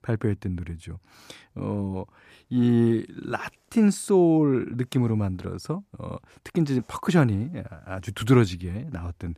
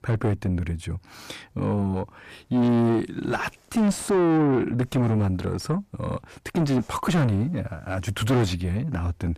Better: first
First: none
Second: distortion; heavy; 5 dB below the speech

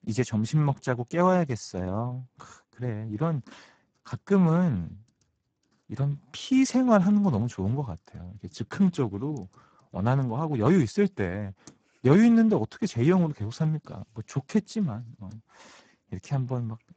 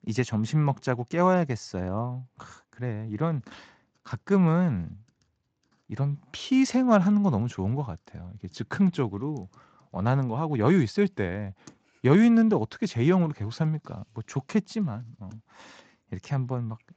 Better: second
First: garbled, watery; badly; nothing above 8 kHz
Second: garbled, watery; slightly; nothing above 7.5 kHz

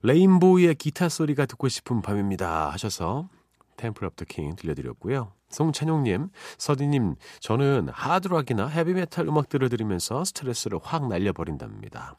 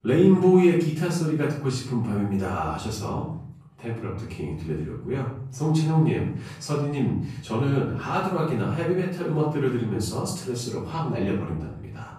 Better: first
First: none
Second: off-mic speech; far // room echo; noticeable; dies away in 0.6 s

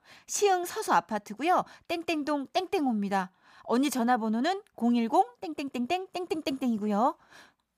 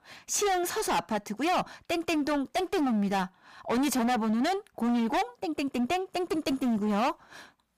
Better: first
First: none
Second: distortion; heavy; 21% of the sound clipped

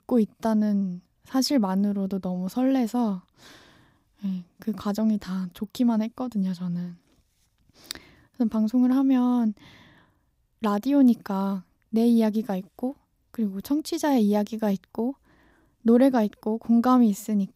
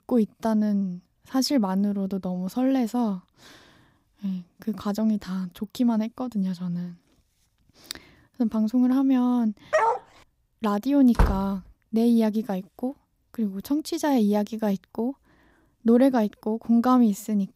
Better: first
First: none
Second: dog barking; loud; at 9.5 s; peak 2 dB above the speech // door banging; noticeable; at 11 s; peak 1 dB below the speech

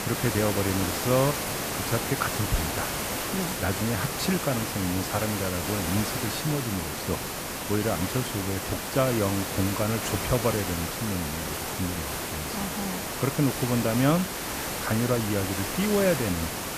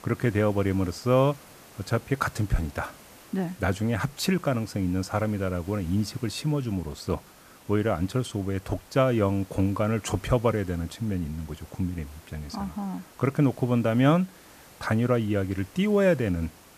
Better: second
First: hiss; loud; throughout; 1 dB below the speech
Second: hiss; faint; throughout; 25 dB below the speech

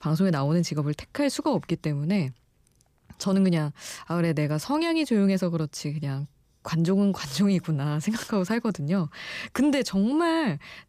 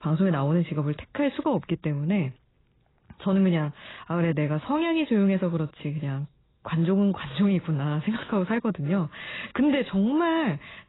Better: first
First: none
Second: garbled, watery; badly; nothing above 4 kHz

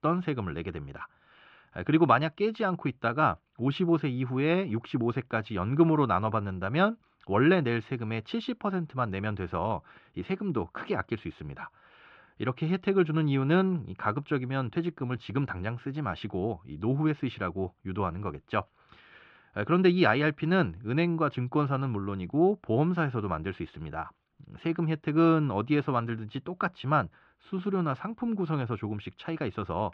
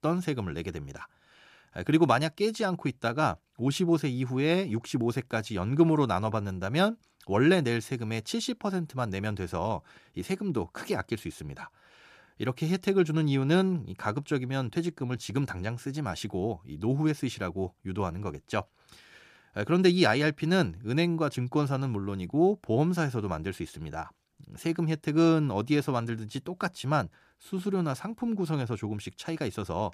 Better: second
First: muffled; slightly; fading above 3 kHz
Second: none

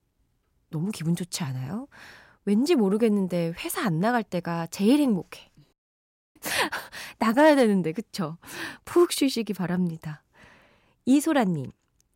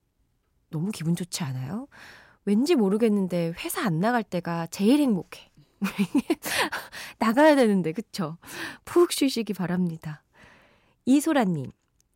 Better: second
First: audio cutting out; at 5.5 s for 0.5 s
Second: none

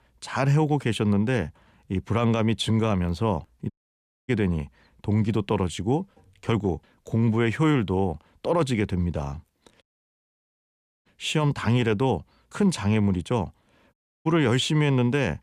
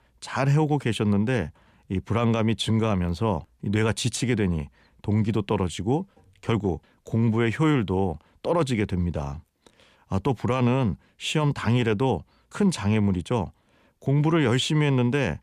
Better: second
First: audio cutting out; at 3.5 s for 0.5 s, at 10 s for 1 s and at 14 s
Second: none

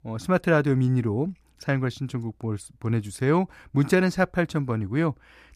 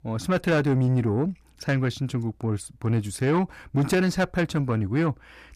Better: first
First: none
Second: distortion; slight; 10 dB below the speech

